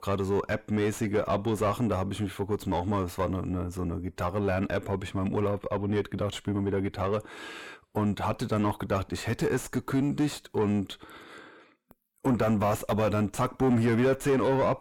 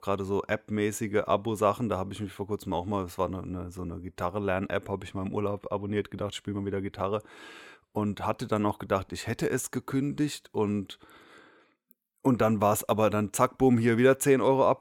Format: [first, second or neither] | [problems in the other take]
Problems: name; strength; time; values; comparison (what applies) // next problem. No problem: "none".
second | distortion; heavy; 6 dB below the speech